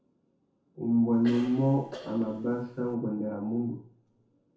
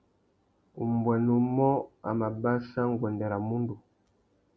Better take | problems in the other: second | background sound (Cough); 16 dB below the speech // room echo; dies away in 0.7 s

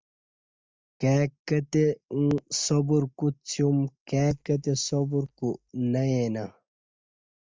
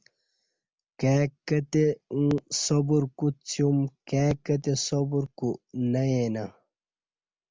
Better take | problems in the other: second | noise reduction (neural mask model DeepFilterNet 3)

